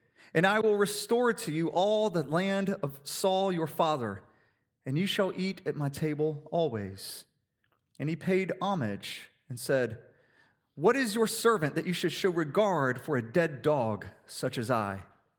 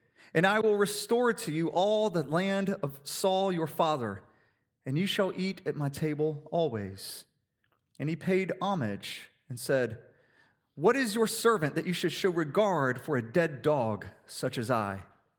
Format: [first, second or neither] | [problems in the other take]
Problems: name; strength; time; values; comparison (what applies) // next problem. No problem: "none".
neither | garbled, watery; slightly; nothing above 18.5 kHz; the same in both